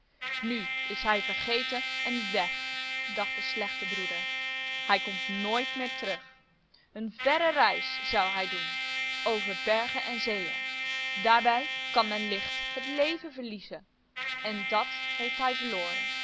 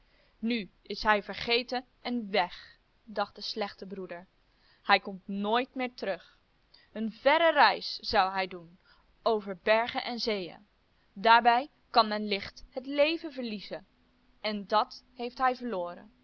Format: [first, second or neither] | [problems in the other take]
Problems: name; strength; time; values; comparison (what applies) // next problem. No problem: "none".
second | background sound (Trumpet); 2 dB below the speech